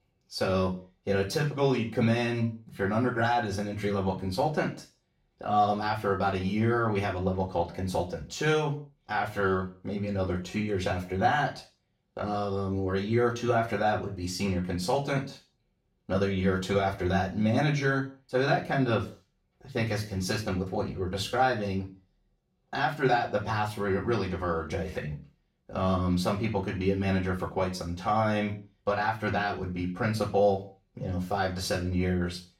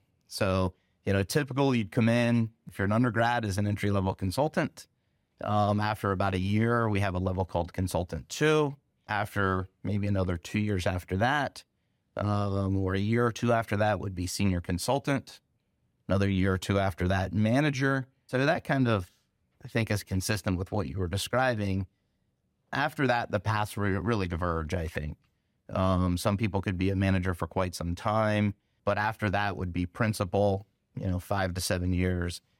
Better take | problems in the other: second | room echo; slight; dies away in 0.3 s // off-mic speech; far

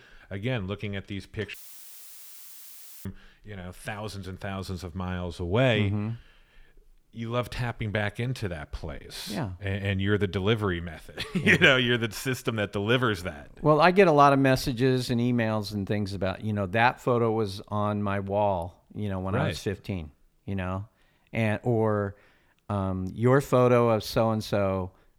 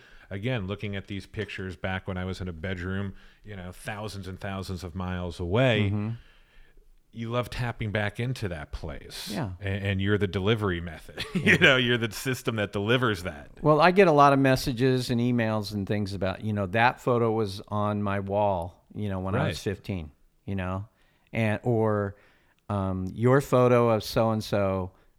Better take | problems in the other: second | audio cutting out; filled with static; at 1.5 s for 1.5 s

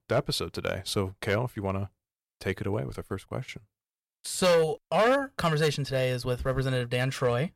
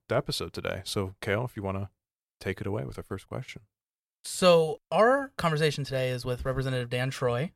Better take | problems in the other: second | distortion; slight; 3% of the sound clipped

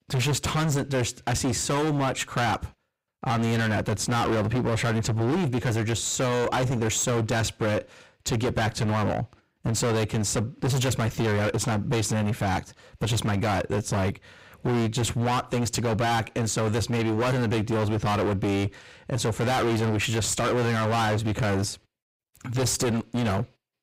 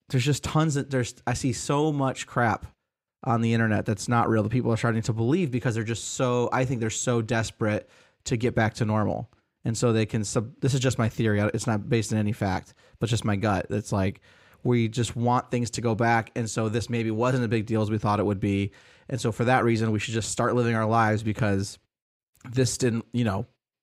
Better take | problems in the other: second | distortion; heavy; 32% of the sound clipped

